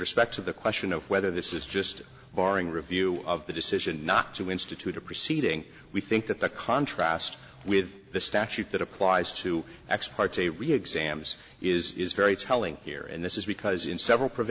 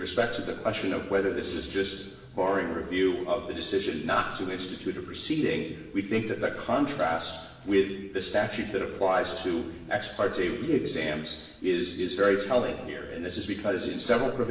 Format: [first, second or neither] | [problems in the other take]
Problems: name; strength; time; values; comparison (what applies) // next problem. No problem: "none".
first | room echo; dies away in 1.1 s